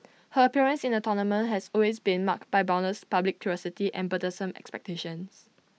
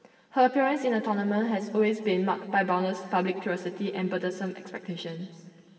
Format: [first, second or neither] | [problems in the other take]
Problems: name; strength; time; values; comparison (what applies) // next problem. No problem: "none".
first | room echo; dies away in 2.6 s